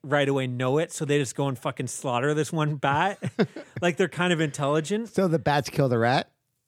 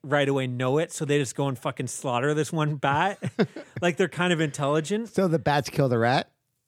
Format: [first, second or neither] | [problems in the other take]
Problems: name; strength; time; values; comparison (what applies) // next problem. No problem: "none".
neither | none